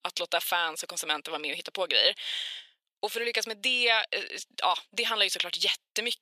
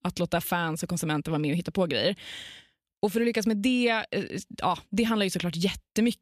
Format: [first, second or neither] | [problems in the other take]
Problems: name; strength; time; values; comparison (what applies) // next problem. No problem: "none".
second | thin; very; fading below 550 Hz